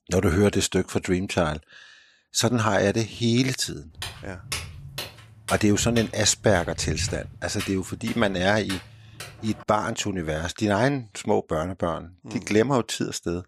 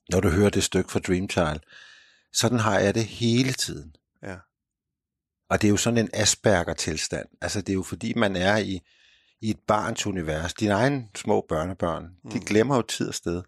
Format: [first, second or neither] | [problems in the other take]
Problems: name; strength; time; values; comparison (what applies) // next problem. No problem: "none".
second | footsteps; noticeable; from 4 to 9.5 s; peak 7 dB below the speech